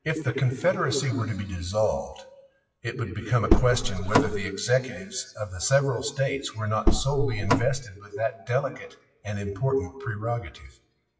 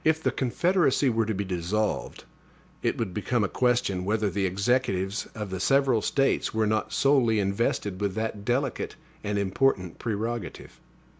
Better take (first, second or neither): second